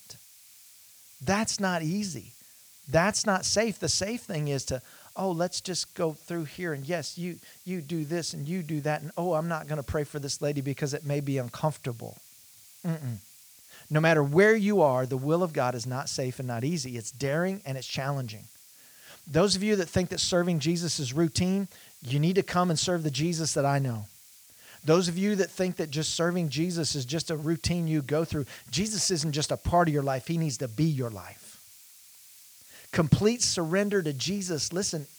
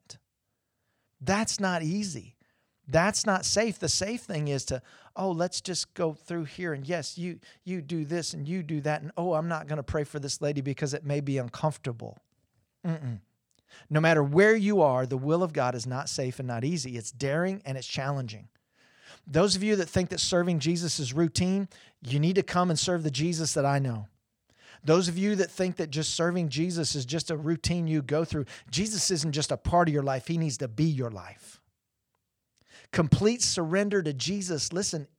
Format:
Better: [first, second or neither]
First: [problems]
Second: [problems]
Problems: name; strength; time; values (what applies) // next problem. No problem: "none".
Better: second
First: hiss; faint; throughout; 20 dB below the speech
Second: none